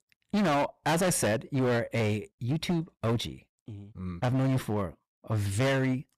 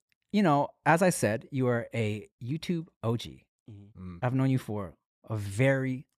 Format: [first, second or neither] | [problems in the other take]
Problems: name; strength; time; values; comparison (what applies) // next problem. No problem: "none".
second | distortion; heavy; 17% of the sound clipped